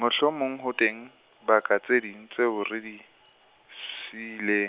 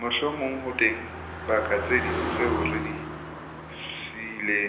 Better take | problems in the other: first | background sound (Car passing by); 5 dB below the speech // room echo; dies away in 1.4 s

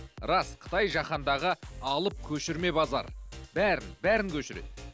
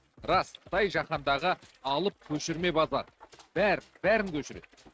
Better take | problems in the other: first | noise reduction (neural mask model RNNoise)

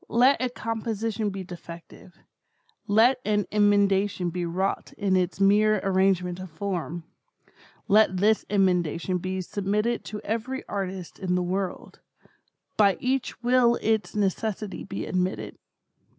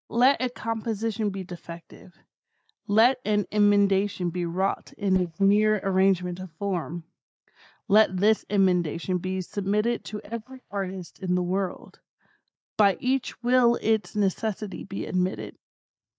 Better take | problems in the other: first | noise reduction (neural mask model DeepFilterNet 3)

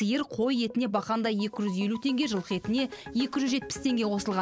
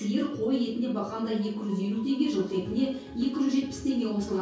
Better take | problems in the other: first | room echo; dies away in 0.6 s

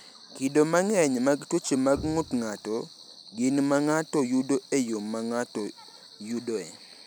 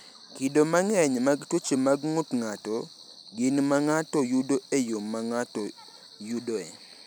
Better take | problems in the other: second | background sound (Bowed string instrument); 17 dB below the speech

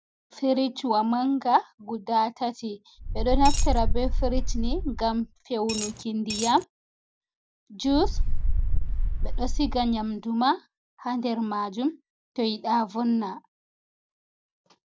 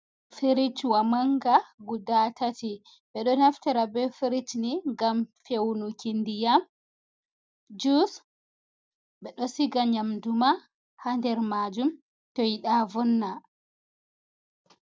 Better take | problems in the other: second | background sound (Wind + Coin (dropping)); 4 dB above the speech

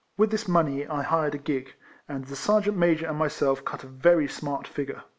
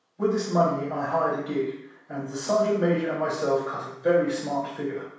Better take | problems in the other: first | room echo; dies away in 0.7 s

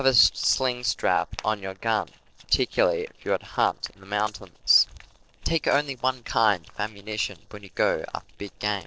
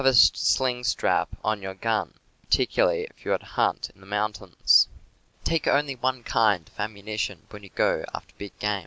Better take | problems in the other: second | noise reduction (neural separator model SepFormer DNS4)

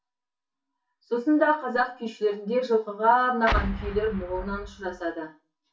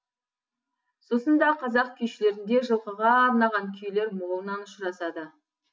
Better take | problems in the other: second | background sound (Explosion); 5 dB below the speech // room echo; dies away in 0.3 s

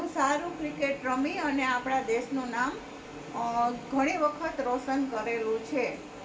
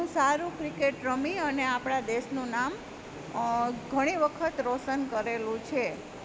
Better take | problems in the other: second | room echo; dies away in 0.3 s

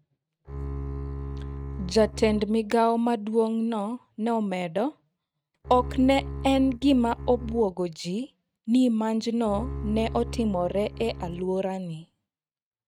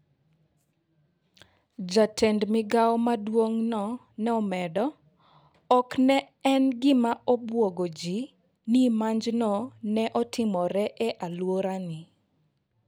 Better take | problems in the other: second | noise reduction (neural mask model RNNoise)

